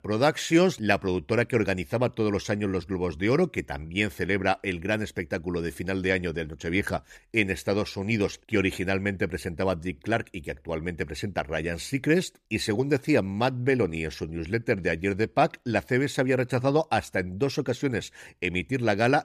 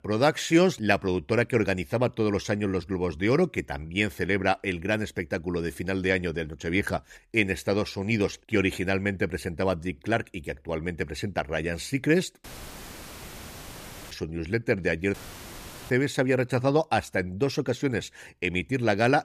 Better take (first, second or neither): first